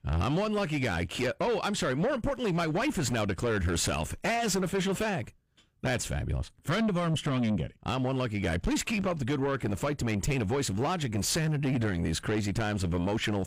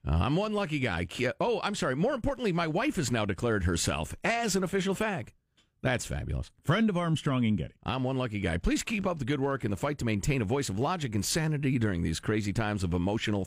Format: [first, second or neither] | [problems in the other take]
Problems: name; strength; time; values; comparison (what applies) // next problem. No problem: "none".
second | distortion; slight; 10 dB below the speech